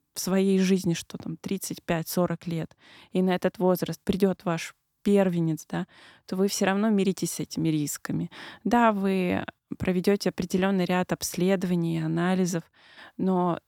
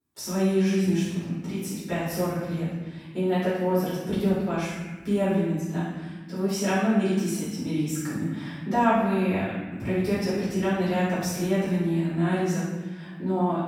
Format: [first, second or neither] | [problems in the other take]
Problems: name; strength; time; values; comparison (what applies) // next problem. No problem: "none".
first | off-mic speech; far // room echo; strong; dies away in 1.4 s